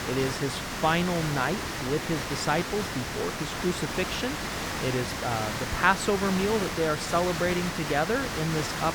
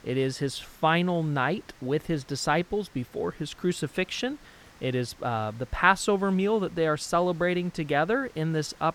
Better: second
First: hiss; loud; throughout; 3 dB below the speech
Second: hiss; faint; throughout; 25 dB below the speech

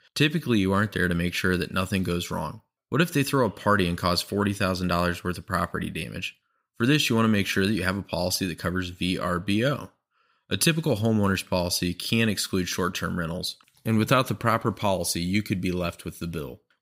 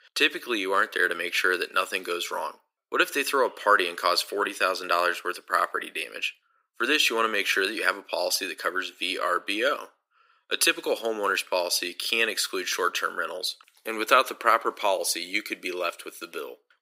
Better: first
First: none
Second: thin; very; fading below 350 Hz

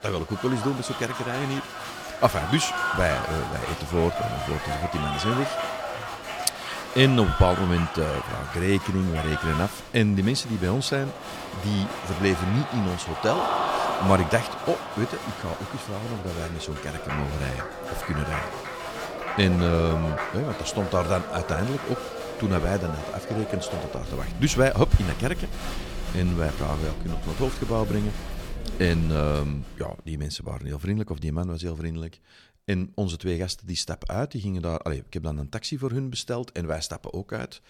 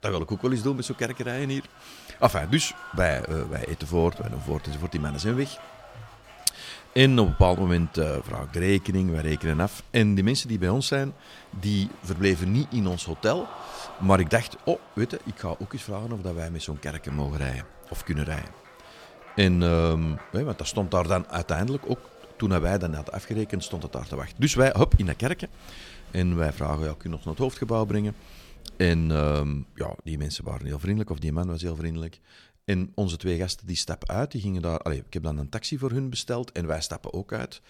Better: second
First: crowd noise; loud; until 29 s; 5 dB below the speech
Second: crowd noise; faint; until 29 s; 20 dB below the speech

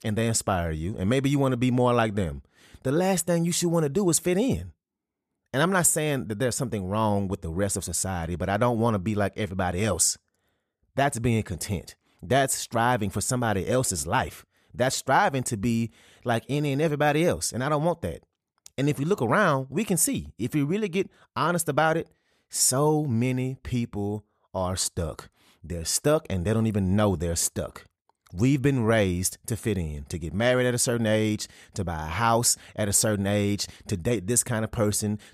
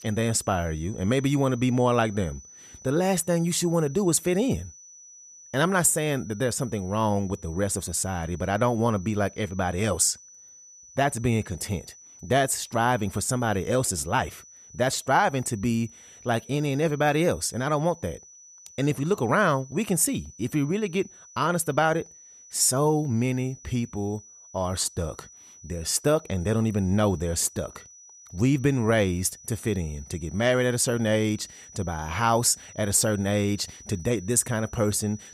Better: first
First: none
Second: high-pitched whine; faint; throughout; 6 kHz, 20 dB below the speech

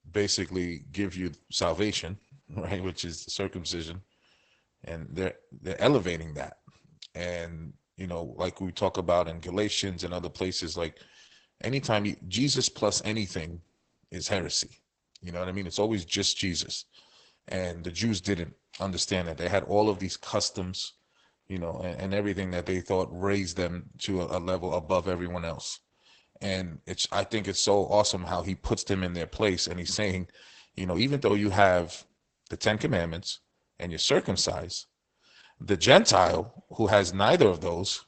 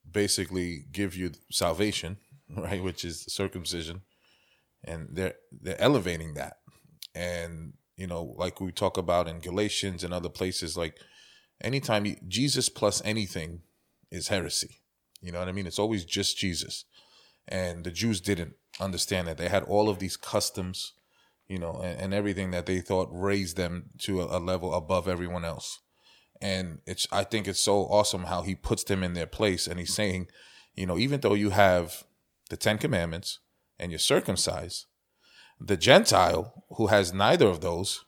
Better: second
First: garbled, watery; badly; nothing above 8 kHz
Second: none

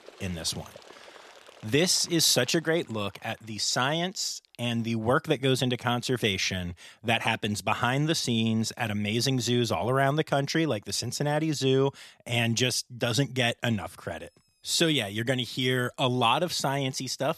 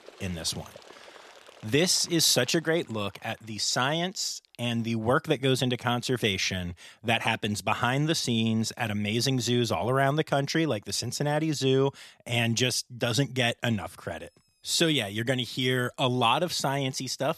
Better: neither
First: animal sounds; faint; throughout; 25 dB below the speech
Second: animal sounds; faint; throughout; 25 dB below the speech

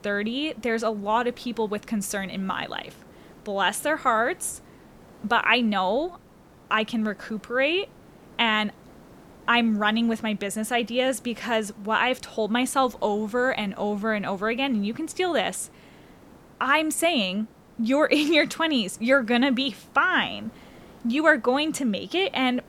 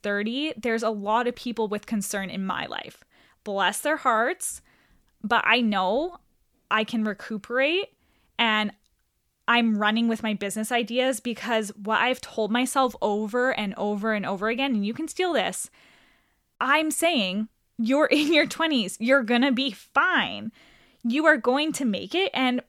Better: second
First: hiss; faint; throughout; 25 dB below the speech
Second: none

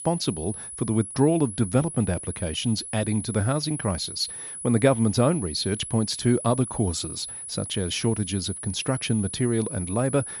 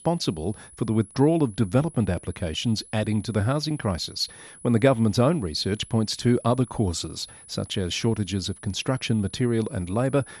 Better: second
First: high-pitched whine; loud; throughout; 10 kHz, 8 dB below the speech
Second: high-pitched whine; faint; throughout; 10 kHz, 20 dB below the speech

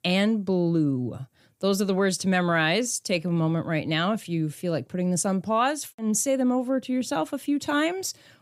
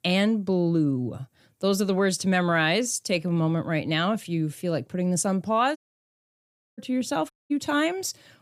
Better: first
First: none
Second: audio cutting out; at 6 s for 1 s and at 7.5 s

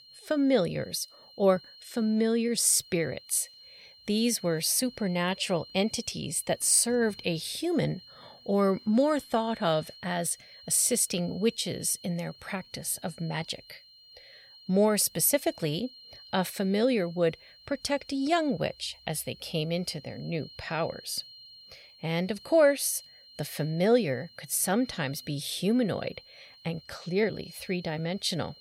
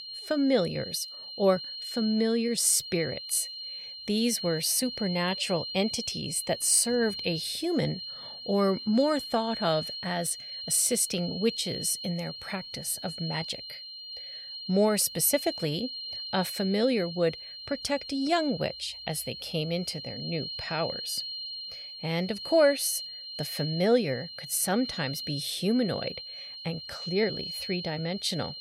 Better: first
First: high-pitched whine; faint; throughout; 4 kHz, 20 dB below the speech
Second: high-pitched whine; loud; throughout; 4 kHz, 8 dB below the speech

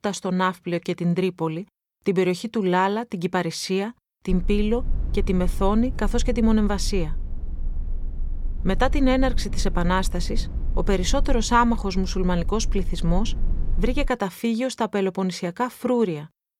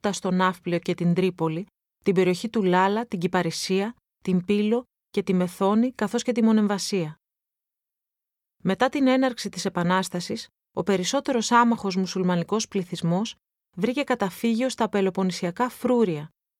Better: second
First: low rumble; faint; from 4.5 to 14 s; 20 dB below the speech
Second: none

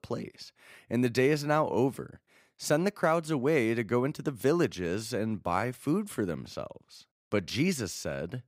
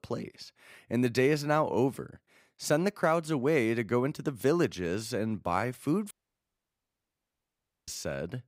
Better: first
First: none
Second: audio cutting out; at 6 s for 2 s

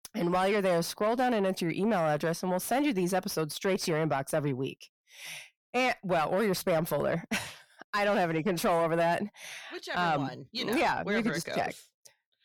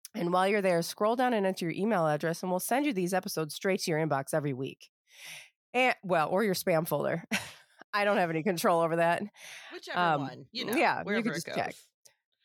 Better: second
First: distortion; slight; 10 dB below the speech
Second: none

